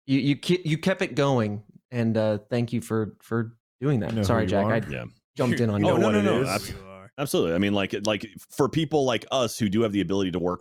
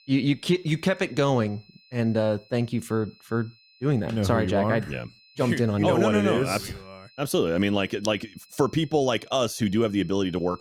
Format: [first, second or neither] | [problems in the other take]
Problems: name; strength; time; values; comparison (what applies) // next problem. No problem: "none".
first | high-pitched whine; faint; throughout; 4 kHz, 30 dB below the speech